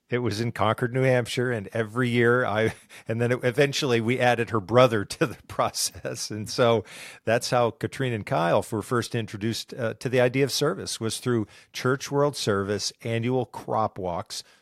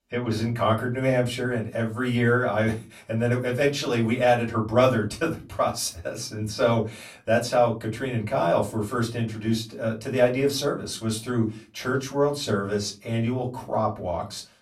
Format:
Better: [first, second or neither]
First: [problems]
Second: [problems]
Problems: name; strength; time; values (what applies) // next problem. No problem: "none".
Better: first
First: none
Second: off-mic speech; far // room echo; very slight; dies away in 0.2 s